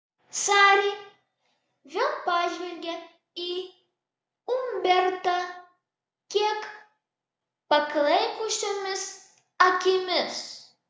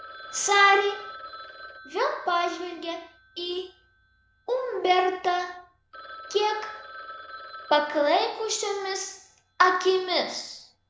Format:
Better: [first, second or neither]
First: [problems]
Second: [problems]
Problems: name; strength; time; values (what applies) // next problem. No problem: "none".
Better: first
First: none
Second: background sound (Telephone); 18 dB below the speech